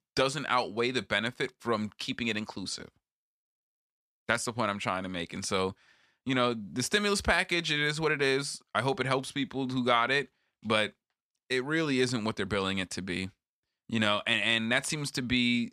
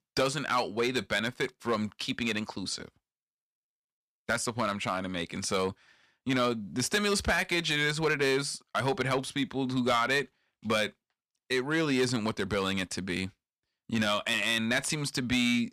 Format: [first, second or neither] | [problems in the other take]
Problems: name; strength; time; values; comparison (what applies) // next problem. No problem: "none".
first | distortion; slight; 3% of the sound clipped